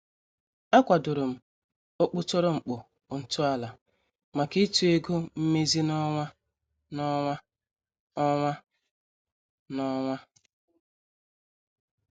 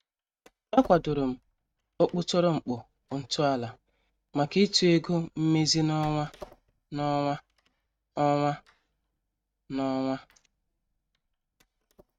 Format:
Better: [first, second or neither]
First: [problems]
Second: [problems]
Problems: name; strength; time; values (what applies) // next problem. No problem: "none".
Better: first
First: none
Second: noise reduction (neural mask model RNNoise)